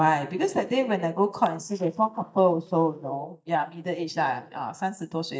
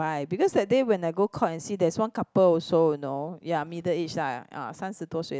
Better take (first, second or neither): second